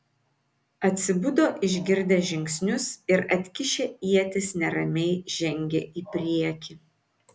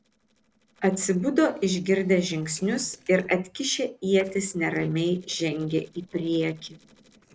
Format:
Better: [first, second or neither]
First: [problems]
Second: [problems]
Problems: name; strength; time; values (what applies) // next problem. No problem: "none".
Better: first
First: none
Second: noise reduction (neural separator model SepFormer DNS4)